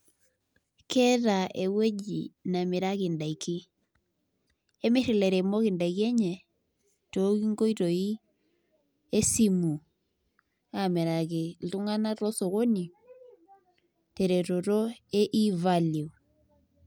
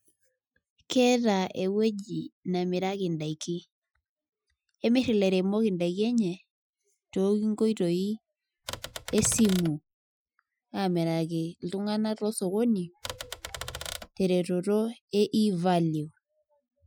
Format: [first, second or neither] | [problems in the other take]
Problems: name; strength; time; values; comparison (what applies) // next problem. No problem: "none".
first | noise reduction (classical method Wiener filter)